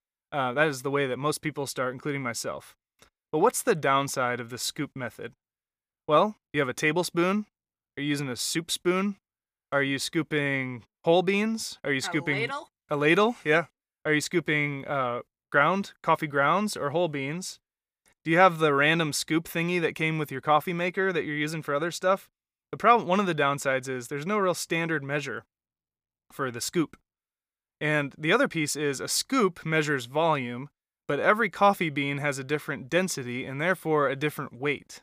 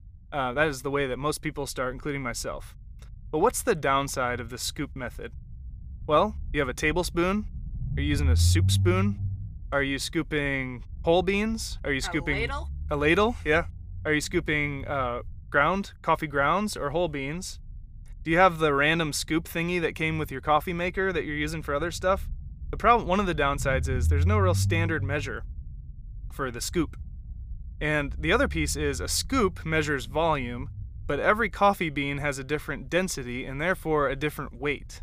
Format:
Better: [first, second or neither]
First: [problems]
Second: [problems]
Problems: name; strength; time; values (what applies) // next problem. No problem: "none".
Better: first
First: none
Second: low rumble; faint; throughout; 25 dB below the speech